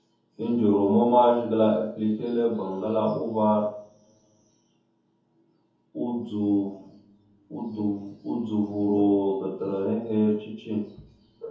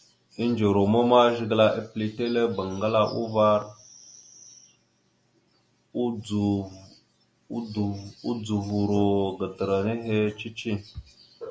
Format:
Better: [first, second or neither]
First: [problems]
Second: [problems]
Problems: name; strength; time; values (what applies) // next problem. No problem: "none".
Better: second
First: room echo; dies away in 0.6 s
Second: none